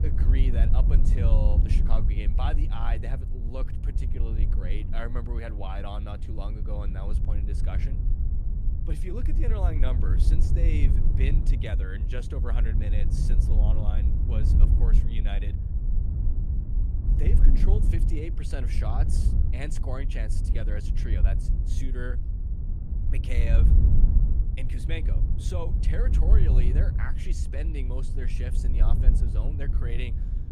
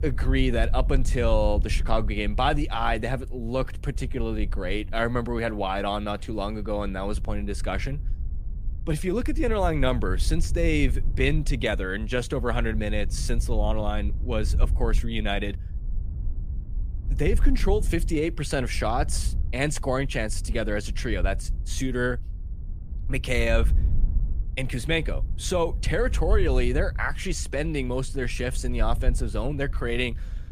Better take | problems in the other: second | wind noise on the microphone; heavy; 3 dB below the speech; occasional gusts in the second

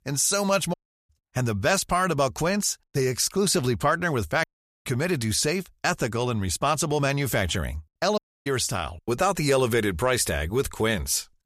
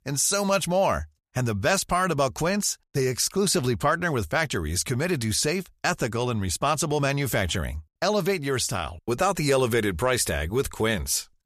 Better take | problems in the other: second | audio cutting out; at 0.5 s, at 4.5 s and at 8 s

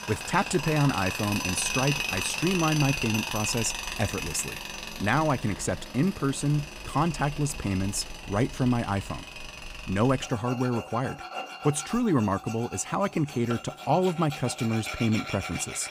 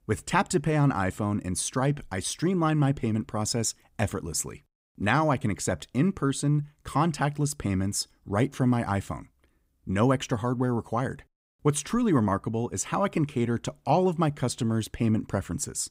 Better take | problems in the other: second | machinery noise; loud; throughout; 6 dB below the speech

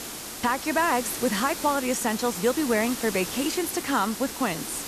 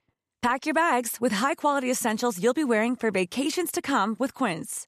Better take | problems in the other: second | hiss; loud; throughout; 7 dB below the speech

